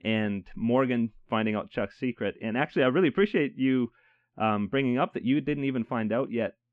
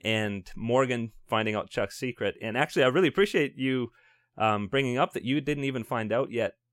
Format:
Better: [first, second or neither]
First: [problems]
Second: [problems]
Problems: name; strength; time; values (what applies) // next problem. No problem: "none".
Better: second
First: muffled; very; fading above 3 kHz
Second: none